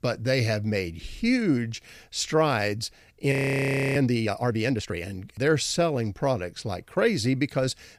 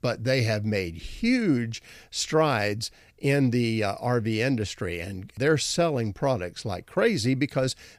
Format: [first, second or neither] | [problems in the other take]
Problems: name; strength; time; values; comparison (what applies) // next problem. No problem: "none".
second | audio freezing; at 3.5 s for 0.5 s